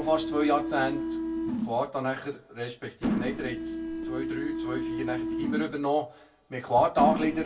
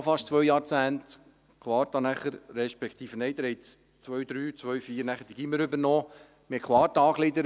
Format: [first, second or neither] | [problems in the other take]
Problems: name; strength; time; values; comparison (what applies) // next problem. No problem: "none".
second | background sound (Mechanisms); 3 dB below the speech // room echo; dies away in 0.2 s